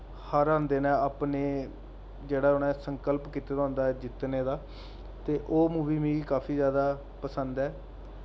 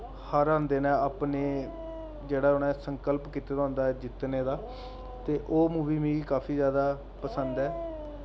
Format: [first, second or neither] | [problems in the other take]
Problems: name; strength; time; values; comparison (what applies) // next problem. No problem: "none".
first | background sound (Dog); 15 dB below the speech